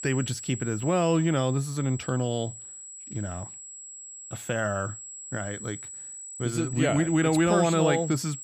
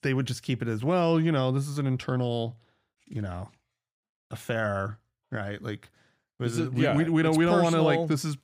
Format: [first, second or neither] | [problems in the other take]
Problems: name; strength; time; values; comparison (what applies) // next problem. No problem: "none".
second | high-pitched whine; noticeable; throughout; 7.5 kHz, 10 dB below the speech